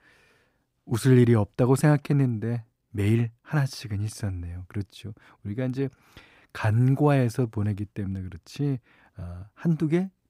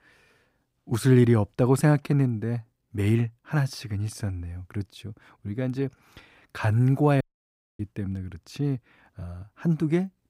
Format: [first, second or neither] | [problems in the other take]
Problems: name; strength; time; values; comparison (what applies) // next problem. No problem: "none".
first | audio cutting out; at 7 s for 0.5 s